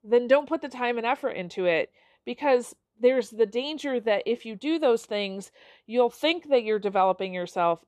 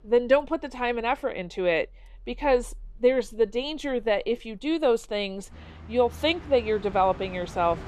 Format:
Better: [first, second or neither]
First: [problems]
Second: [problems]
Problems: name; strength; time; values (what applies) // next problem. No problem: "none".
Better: first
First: none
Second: traffic noise; noticeable; throughout; 20 dB below the speech